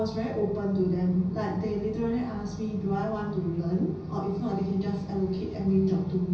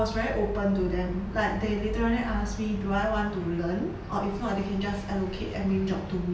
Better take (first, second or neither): second